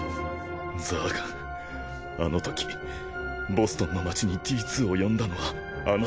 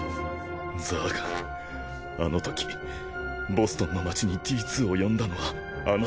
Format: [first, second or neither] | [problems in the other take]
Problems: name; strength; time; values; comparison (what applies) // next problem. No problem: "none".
first | background sound (Brass instrument); 13 dB below the speech